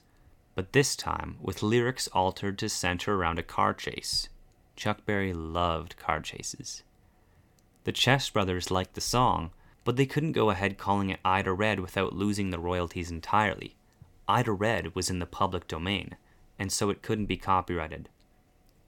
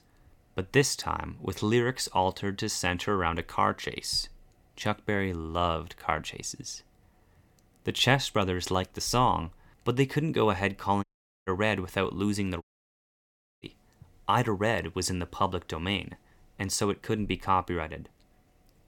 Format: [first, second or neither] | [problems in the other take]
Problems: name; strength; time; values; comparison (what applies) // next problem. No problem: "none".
first | audio cutting out; at 11 s and at 13 s for 1 s